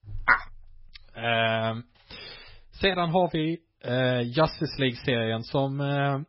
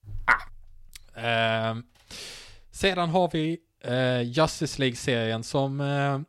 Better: second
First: garbled, watery; badly; nothing above 5.5 kHz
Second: none

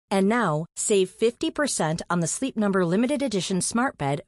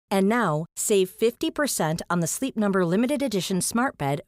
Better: second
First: garbled, watery; slightly; nothing above 11 kHz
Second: none

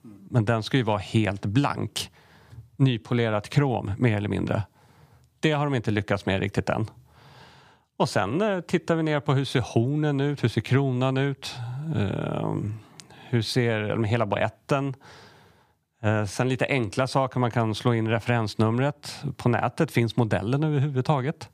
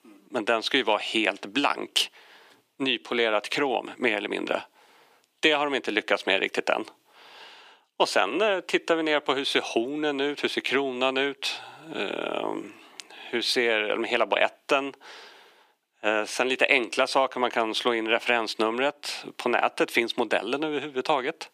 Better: first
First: none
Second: thin; somewhat; fading below 300 Hz

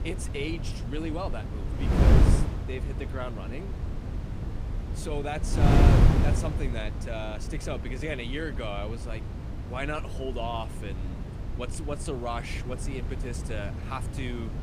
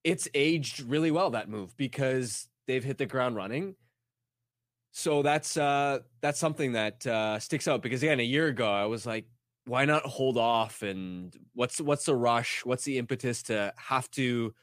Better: second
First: wind noise on the microphone; heavy; 2 dB below the speech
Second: none

